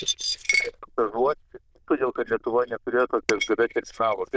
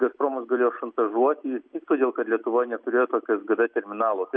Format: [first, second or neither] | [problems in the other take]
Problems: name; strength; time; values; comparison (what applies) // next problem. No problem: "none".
second | noise reduction (neural diffusion model UNIVERSE++)